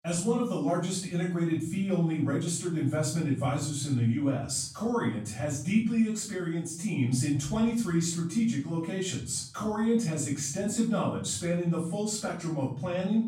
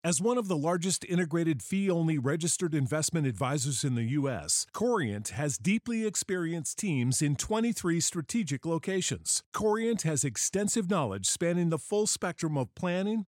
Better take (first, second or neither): second